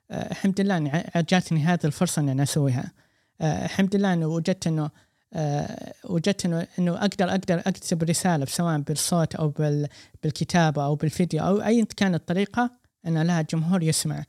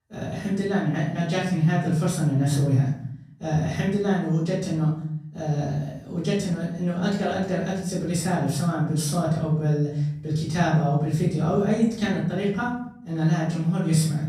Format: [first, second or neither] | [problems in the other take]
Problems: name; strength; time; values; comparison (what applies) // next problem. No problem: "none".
first | room echo; noticeable; dies away in 0.8 s // off-mic speech; far